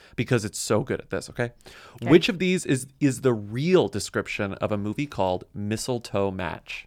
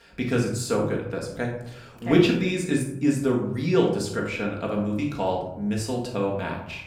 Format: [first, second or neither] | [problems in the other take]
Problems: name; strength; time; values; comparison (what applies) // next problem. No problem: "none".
first | off-mic speech; far // room echo; noticeable; dies away in 0.7 s